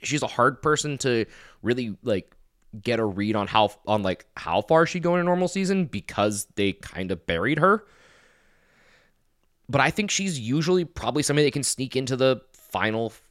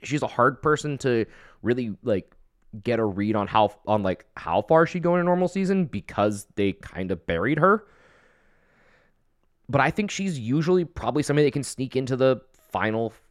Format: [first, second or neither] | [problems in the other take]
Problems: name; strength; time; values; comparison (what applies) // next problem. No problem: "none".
first | muffled; slightly; fading above 2.5 kHz